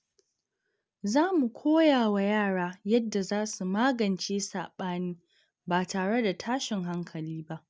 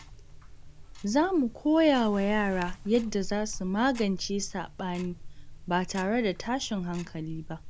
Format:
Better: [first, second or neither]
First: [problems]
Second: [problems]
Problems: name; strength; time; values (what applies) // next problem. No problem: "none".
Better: first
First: none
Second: background sound (Tick-tock); 12 dB below the speech